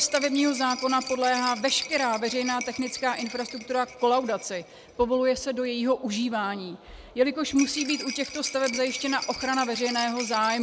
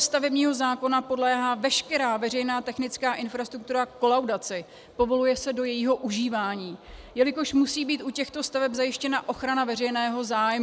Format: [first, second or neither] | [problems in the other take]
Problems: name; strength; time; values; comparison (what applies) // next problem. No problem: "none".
second | background sound (Rattle); 12 dB below the speech